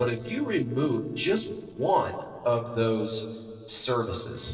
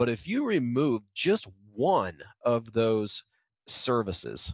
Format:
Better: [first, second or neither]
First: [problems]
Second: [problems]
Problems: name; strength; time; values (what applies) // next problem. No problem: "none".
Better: second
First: noise reduction (neural separator model SepFormer DNS4)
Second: none